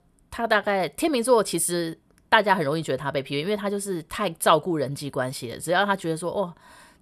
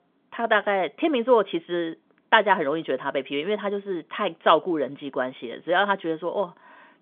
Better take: first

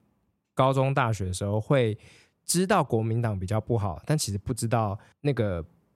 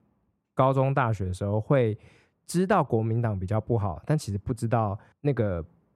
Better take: first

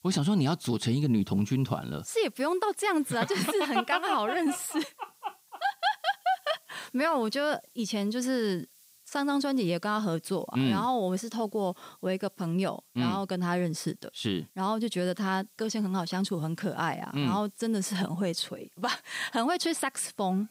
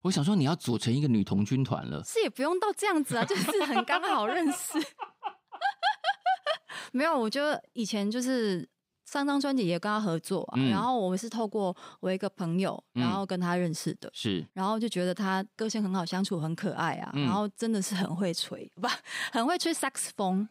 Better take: second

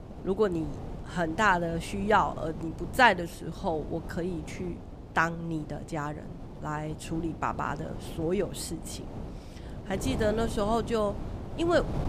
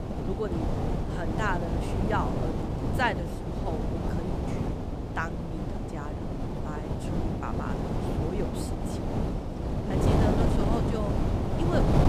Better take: first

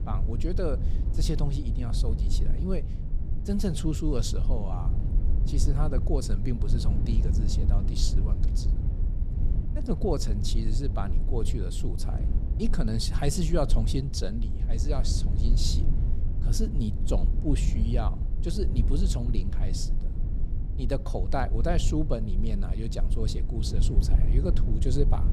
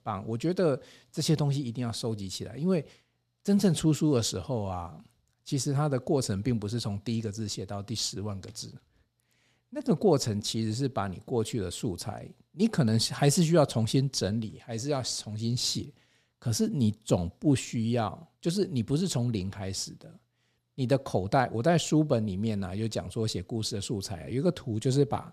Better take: second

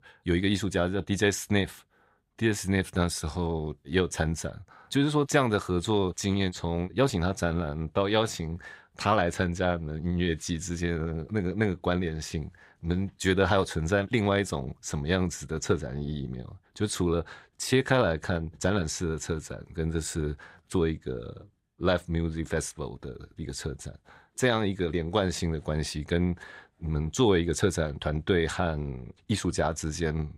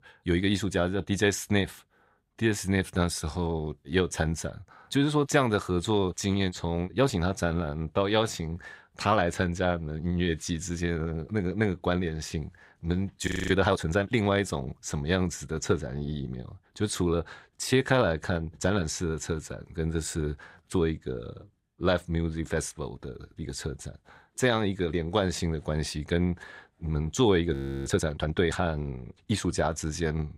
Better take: first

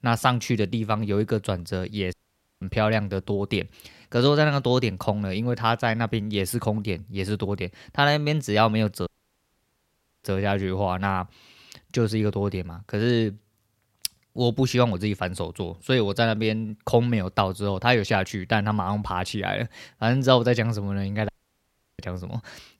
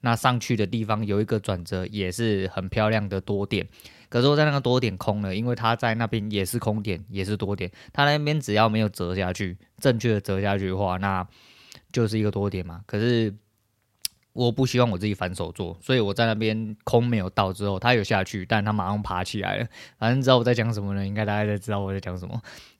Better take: second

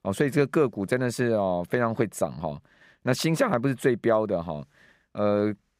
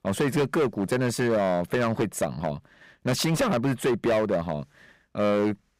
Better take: first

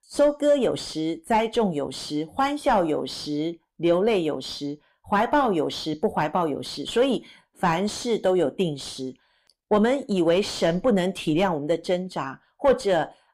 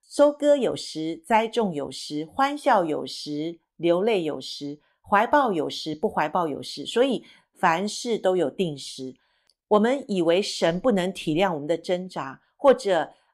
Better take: second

